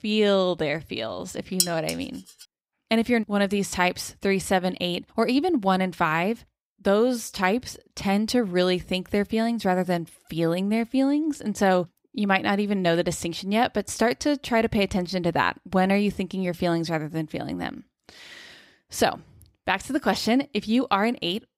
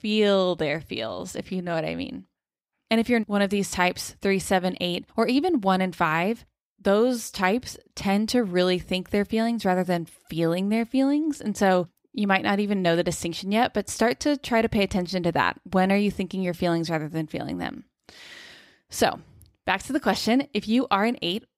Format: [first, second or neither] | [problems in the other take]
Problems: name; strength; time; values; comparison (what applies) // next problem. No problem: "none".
second | clattering dishes; noticeable; at 1.5 s; peak level with the speech